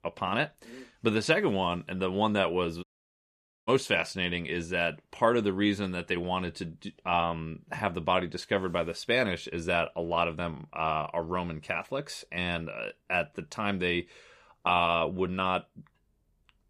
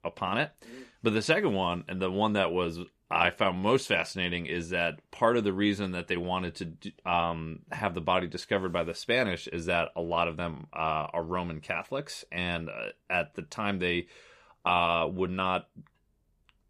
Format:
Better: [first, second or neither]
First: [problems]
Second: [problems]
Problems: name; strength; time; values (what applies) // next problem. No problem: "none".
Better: second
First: audio cutting out; at 3 s for 1 s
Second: none